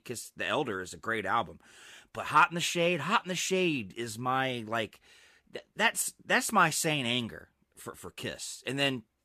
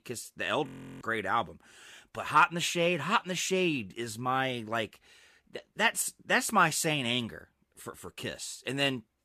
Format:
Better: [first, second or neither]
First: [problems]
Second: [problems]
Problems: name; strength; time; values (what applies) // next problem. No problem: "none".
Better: first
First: none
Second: audio freezing; at 0.5 s